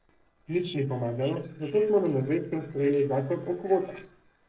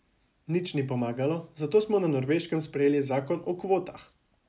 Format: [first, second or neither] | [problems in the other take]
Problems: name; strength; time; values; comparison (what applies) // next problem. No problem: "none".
second | noise reduction (neural separator model SepFormer DNS4)